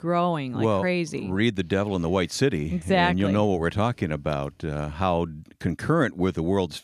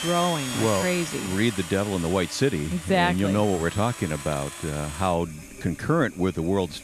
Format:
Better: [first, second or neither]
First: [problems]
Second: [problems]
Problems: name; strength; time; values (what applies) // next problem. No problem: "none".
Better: first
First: none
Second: household noises; loud; throughout; 9 dB below the speech